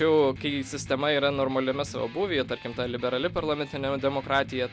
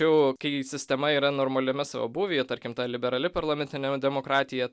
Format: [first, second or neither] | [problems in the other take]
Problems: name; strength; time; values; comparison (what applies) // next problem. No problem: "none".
second | background sound (Electric guitar); 15 dB below the speech